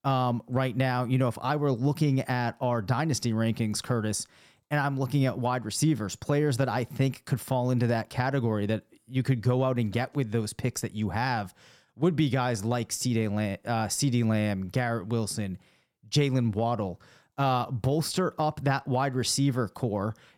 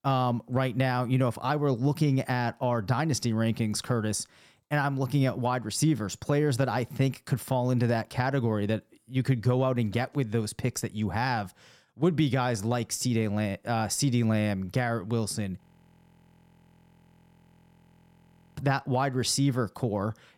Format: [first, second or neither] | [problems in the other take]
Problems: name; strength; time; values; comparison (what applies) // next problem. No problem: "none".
first | audio freezing; at 16 s for 3 s